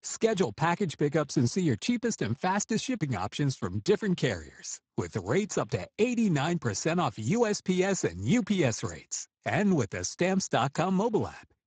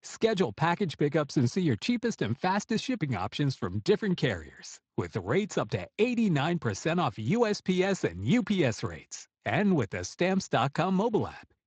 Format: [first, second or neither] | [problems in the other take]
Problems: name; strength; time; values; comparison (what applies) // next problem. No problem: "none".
second | garbled, watery; badly; nothing above 7.5 kHz; slightly in the second